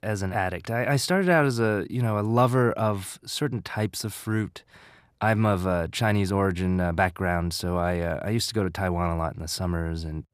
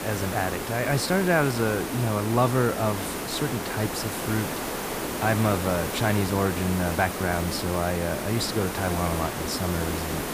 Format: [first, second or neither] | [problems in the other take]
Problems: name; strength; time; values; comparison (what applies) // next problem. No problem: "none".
first | hiss; loud; throughout; 4 dB below the speech